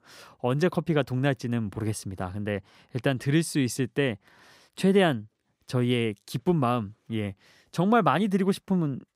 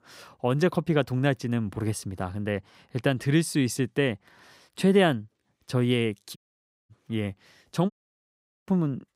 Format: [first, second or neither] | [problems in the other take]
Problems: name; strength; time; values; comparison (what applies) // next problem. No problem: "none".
first | audio cutting out; at 6.5 s for 0.5 s and at 8 s for 1 s